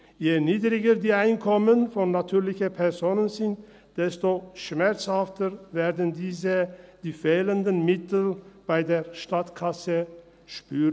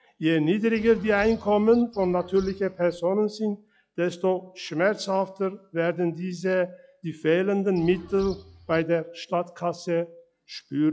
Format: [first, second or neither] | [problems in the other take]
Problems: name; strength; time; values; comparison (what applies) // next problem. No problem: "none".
first | noise reduction (classical method log-MMSE)